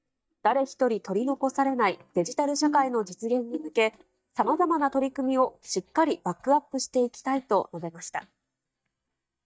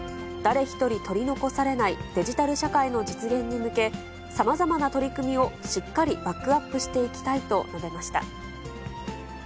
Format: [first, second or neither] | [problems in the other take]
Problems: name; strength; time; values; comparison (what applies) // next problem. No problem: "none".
second | noise reduction (neural mask model DeepFilterNet 3)